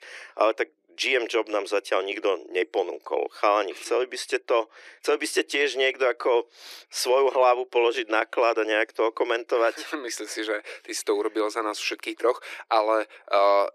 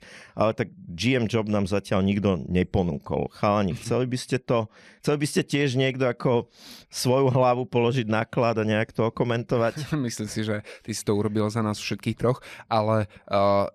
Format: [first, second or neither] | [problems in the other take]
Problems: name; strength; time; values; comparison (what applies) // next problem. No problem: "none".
second | thin; very; fading below 300 Hz